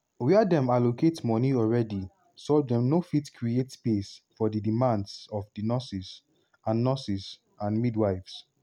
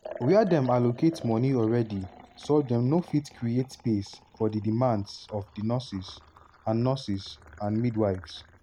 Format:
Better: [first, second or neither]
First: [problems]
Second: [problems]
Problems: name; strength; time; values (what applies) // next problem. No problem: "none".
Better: first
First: none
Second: background sound (Liquid); 20 dB below the speech